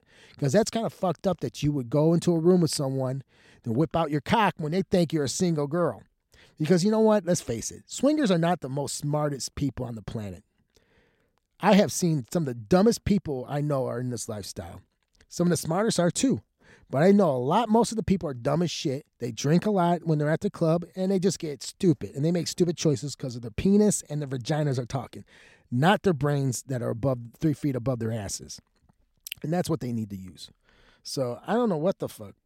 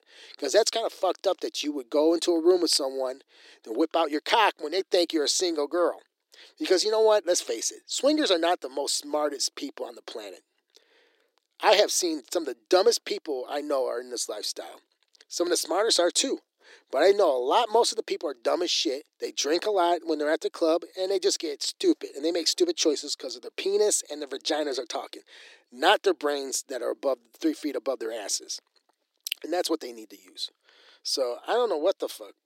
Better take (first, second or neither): first